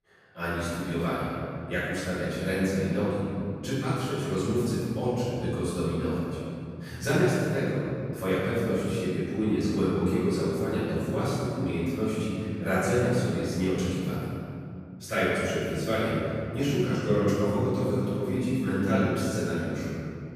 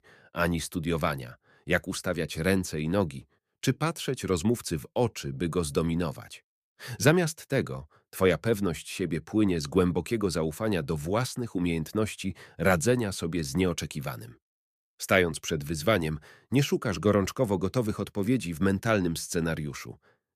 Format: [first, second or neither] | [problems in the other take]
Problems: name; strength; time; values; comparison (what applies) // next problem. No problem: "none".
second | room echo; strong; dies away in 2.6 s // off-mic speech; far